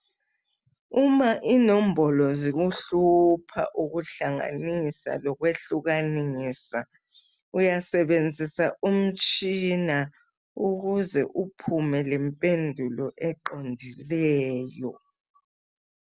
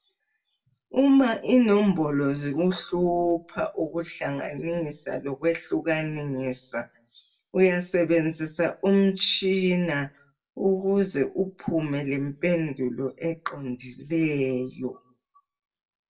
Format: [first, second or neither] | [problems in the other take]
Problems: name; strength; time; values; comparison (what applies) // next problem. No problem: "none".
first | room echo; dies away in 0.1 s